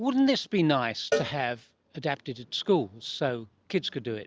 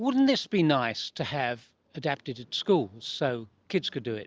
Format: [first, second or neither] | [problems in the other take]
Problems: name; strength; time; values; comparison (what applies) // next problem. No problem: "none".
second | background sound (Cowbell); 9 dB below the speech